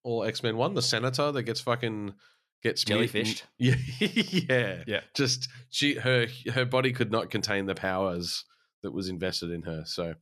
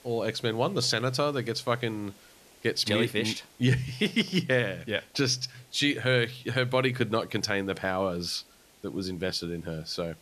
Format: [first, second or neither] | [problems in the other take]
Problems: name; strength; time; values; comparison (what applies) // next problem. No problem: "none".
first | hiss; faint; throughout; 25 dB below the speech